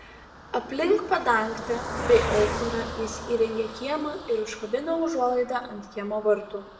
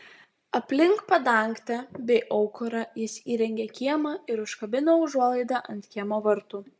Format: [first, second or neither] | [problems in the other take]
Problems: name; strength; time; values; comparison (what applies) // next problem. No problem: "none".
second | background sound (Car passing by); 9 dB below the speech // room echo; dies away in 0.6 s